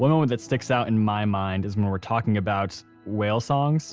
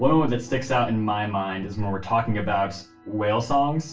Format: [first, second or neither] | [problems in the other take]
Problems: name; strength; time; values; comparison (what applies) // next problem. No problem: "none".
first | room echo; dies away in 0.3 s